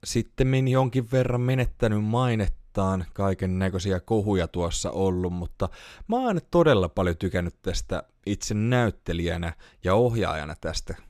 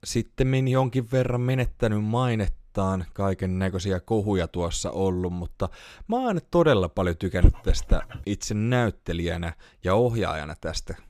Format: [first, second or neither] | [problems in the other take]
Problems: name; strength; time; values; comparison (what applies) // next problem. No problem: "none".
first | dog barking; loud; at 7.5 s; peak 3 dB above the speech